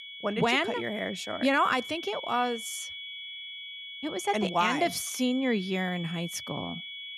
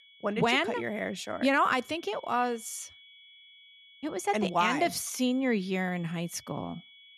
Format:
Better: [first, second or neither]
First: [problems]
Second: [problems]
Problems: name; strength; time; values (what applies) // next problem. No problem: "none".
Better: second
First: high-pitched whine; loud; throughout; 3.5 kHz, 10 dB below the speech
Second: high-pitched whine; faint; throughout; 3.5 kHz, 25 dB below the speech